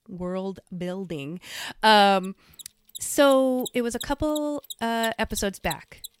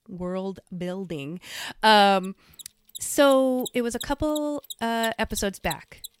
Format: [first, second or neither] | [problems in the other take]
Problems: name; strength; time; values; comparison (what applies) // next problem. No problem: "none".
neither | machinery noise; noticeable; from 2.5 s on; 15 dB below the speech; the same in both